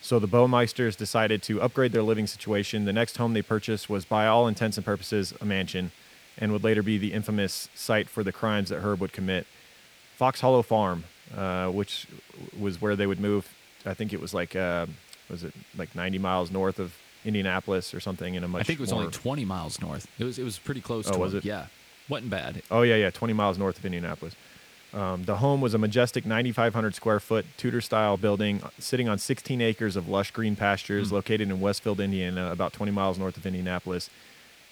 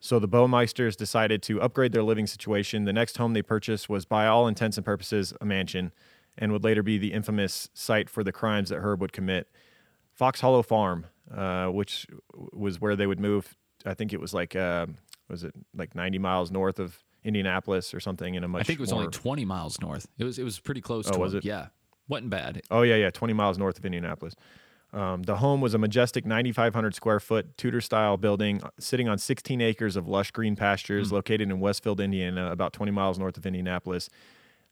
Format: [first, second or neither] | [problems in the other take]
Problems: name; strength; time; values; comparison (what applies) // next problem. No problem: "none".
second | hiss; faint; throughout; 25 dB below the speech